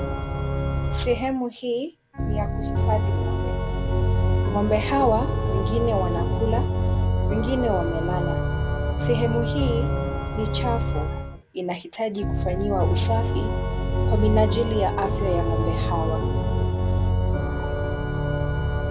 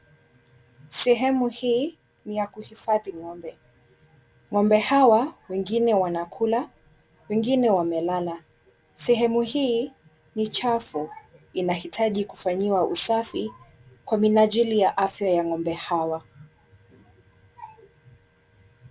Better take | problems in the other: second | background sound (Organ); 5 dB above the speech

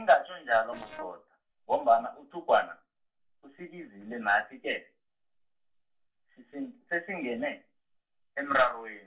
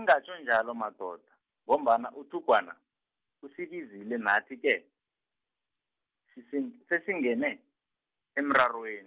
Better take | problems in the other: second | noise reduction (neural separator model SepFormer DNS4)

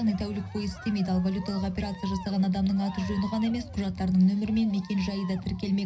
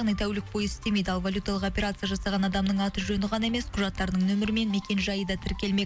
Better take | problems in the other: second | background sound (Cheering); 19 dB below the speech // room echo; dies away in 0.4 s

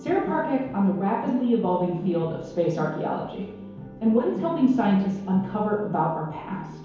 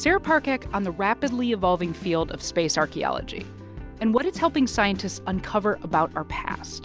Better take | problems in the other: second | room echo; dies away in 1 s

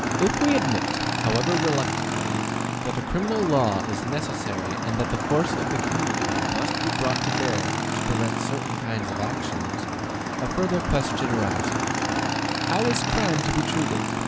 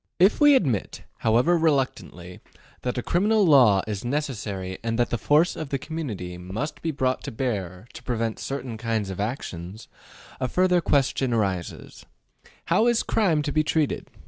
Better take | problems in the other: second | background sound (Motorcycle / Engine); 2 dB above the speech

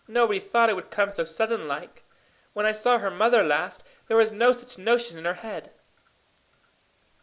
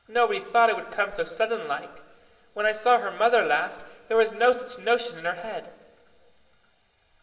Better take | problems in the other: first | room echo; dies away in 1.9 s

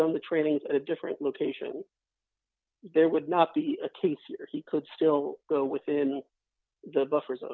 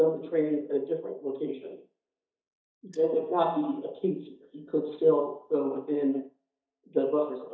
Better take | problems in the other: first | noise reduction (neural mask model DeepFilterNet 3)

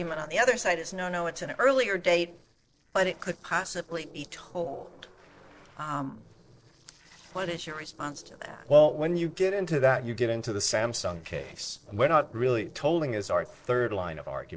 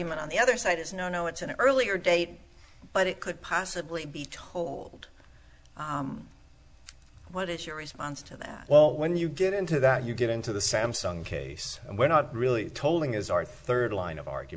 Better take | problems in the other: second | noise reduction (neural separator model SepFormer DNS4)

